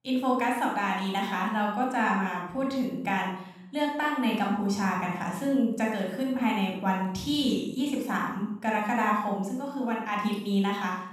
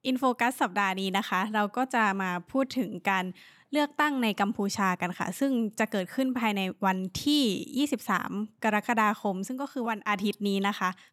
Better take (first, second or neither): second